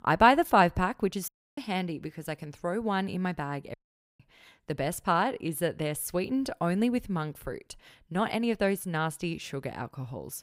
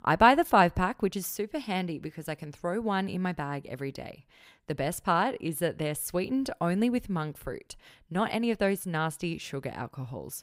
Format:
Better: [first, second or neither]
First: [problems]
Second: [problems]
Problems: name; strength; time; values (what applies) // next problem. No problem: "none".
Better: second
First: audio cutting out; at 1.5 s and at 3.5 s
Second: none